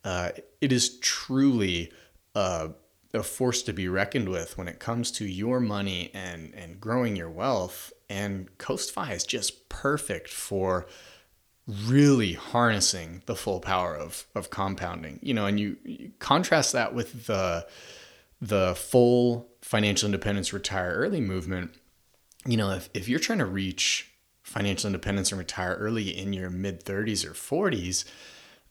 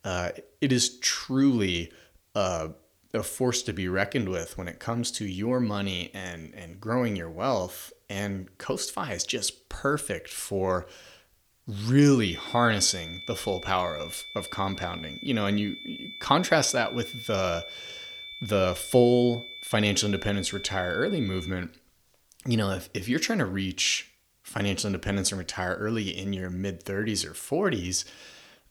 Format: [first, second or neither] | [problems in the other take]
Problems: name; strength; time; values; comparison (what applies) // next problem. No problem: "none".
first | high-pitched whine; noticeable; from 12 to 22 s; 3.5 kHz, 10 dB below the speech